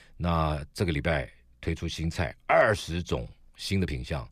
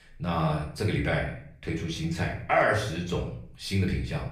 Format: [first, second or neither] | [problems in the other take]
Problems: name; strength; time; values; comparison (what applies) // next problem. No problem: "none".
first | room echo; slight; dies away in 0.5 s // off-mic speech; far